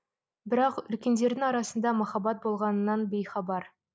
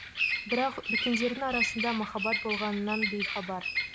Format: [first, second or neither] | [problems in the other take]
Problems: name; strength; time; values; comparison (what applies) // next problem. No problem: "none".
first | background sound (Bird vocalization, bird call, bird song); as loud as the speech